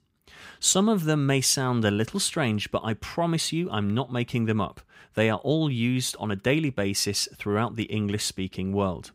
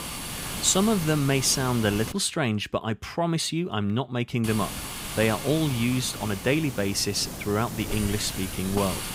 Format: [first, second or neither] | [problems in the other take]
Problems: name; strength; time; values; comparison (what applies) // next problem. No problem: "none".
first | hiss; loud; until 2 s and from 4.5 s on; 8 dB below the speech